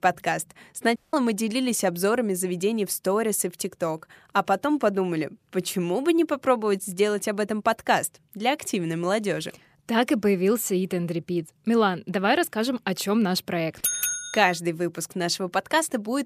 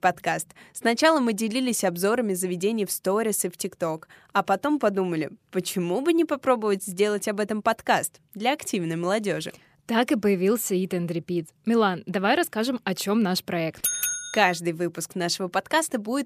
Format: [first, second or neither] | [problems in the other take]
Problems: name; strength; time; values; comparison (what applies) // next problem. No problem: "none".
second | audio cutting out; at 1 s